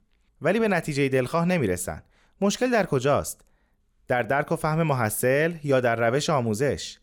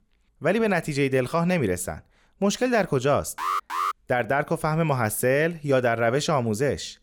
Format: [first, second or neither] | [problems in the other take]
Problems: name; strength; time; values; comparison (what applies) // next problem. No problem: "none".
first | alarm; noticeable; at 3.5 s; peak 2 dB below the speech